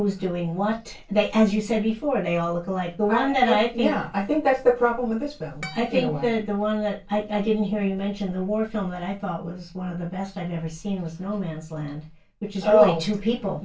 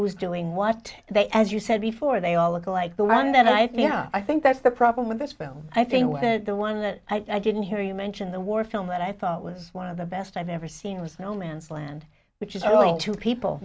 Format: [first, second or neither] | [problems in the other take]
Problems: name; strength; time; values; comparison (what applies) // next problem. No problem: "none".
second | background sound (Harp); 19 dB below the speech // room echo; dies away in 0.2 s